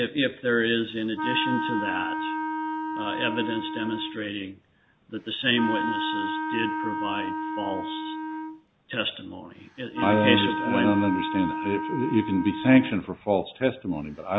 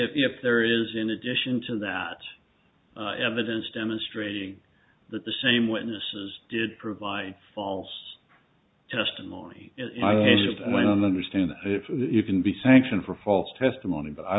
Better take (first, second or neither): second